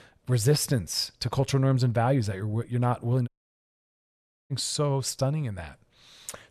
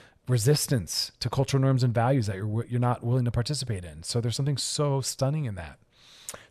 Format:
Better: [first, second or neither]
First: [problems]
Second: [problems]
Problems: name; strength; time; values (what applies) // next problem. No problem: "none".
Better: second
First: audio cutting out; at 3.5 s for 1 s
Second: none